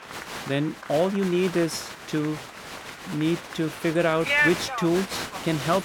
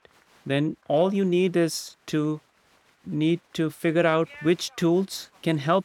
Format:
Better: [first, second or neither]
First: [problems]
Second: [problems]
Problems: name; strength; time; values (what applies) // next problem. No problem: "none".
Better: second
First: crowd noise; loud; throughout; 4 dB below the speech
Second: crowd noise; faint; throughout; 30 dB below the speech